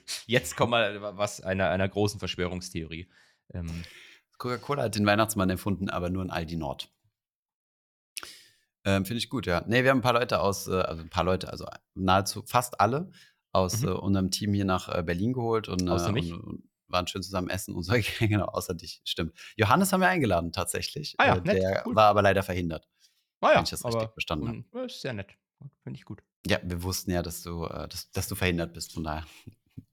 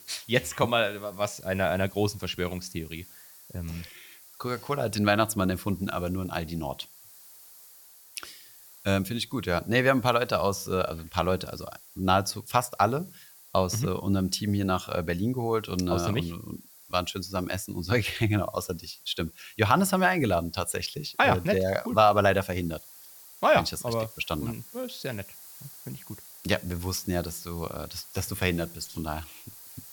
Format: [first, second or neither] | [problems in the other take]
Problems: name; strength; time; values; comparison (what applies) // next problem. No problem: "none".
first | hiss; noticeable; throughout; 20 dB below the speech